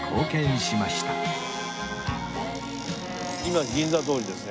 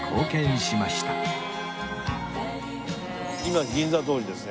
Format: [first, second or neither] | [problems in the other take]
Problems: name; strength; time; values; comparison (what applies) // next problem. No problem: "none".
second | background sound (Squeak / Cupboard open or close); 15 dB below the speech